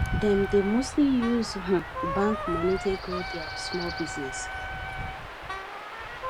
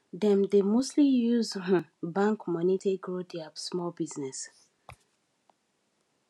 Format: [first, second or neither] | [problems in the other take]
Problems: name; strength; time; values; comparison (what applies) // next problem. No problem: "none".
second | background sound (Stream / Chirp, tweet / Wind + Wind instrument, woodwind instrument); 5 dB below the speech